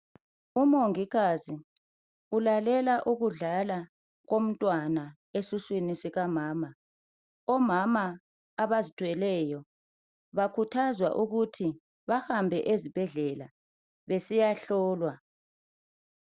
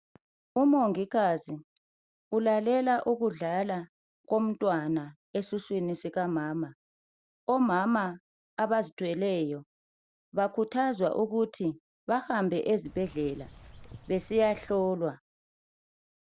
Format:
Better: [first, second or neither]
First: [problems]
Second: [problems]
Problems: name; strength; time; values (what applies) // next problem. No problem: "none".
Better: first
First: none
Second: background sound (Bird); 19 dB below the speech